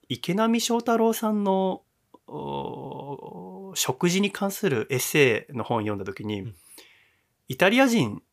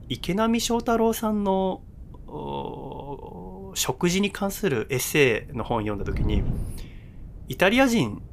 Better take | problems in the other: first | wind noise on the microphone; occasional gusts; 25 dB below the speech

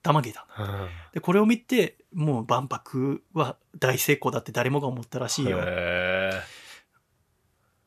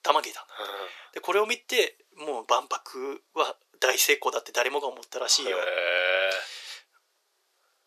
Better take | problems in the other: first | thin; very; fading below 400 Hz

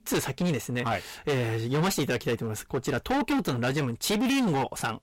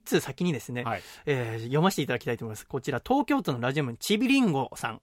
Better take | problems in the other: second | distortion; heavy; 22% of the sound clipped

